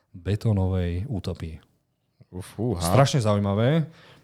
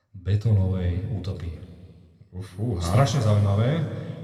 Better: first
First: none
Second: room echo; noticeable; dies away in 2.1 s // off-mic speech; somewhat distant

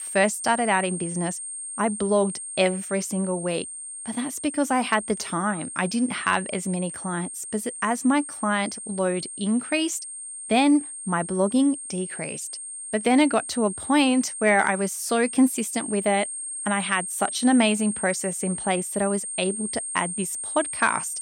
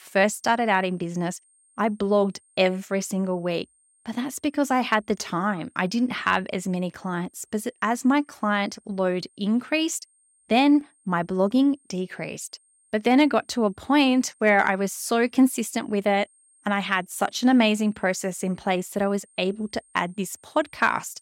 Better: second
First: high-pitched whine; loud; throughout; 8.5 kHz, 7 dB below the speech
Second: high-pitched whine; faint; throughout; 8.5 kHz, 35 dB below the speech

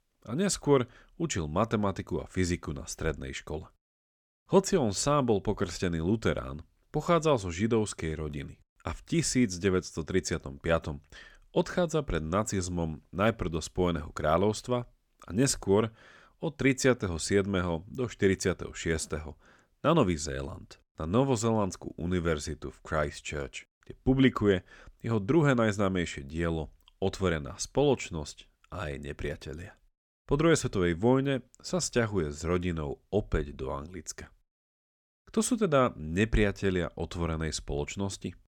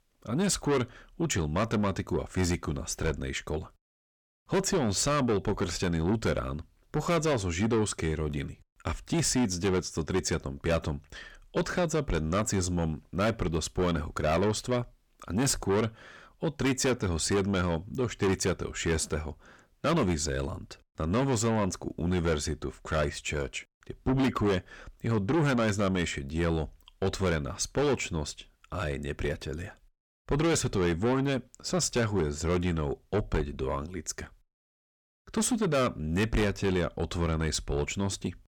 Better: first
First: none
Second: distortion; heavy; 7 dB below the speech

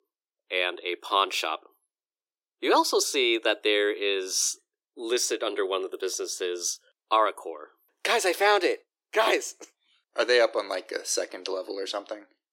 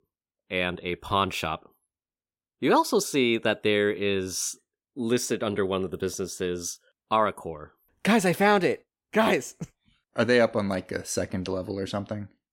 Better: second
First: thin; very; fading below 300 Hz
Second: none

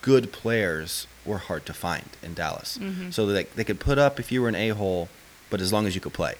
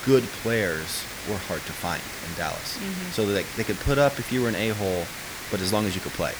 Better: first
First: hiss; faint; throughout; 25 dB below the speech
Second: hiss; loud; throughout; 7 dB below the speech

